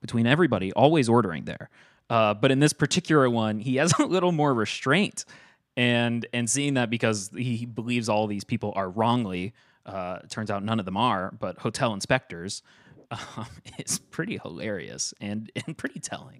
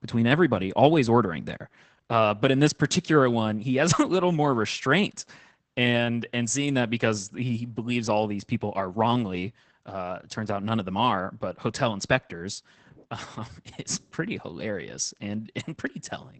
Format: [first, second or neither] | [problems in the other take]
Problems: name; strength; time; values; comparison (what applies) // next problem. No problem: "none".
first | garbled, watery; badly; nothing above 8 kHz